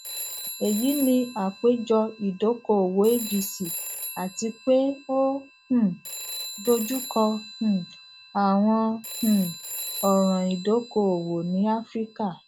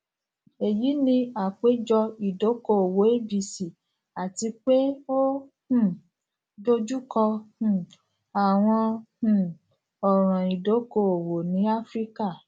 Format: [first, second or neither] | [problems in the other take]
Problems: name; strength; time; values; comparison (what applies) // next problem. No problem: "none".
second | background sound (Telephone); 13 dB below the speech